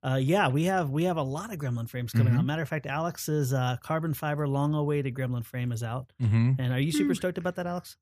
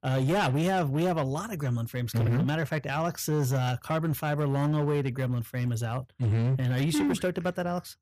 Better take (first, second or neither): first